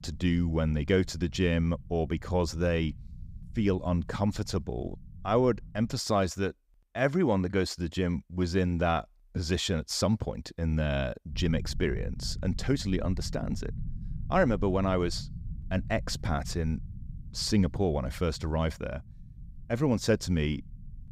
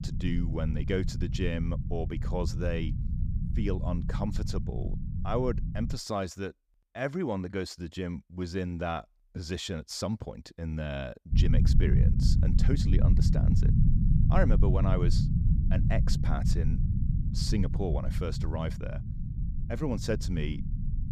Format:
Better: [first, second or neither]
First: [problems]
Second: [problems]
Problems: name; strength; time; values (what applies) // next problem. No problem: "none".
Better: first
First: low rumble; faint; until 6 s and from 11 s on; 25 dB below the speech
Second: low rumble; loud; until 6 s and from 11 s on; 6 dB below the speech